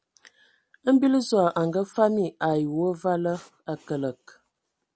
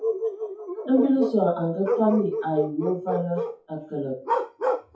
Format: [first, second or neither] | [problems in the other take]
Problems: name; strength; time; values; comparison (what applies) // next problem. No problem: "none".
first | noise reduction (classical method WPE with log-MMSE)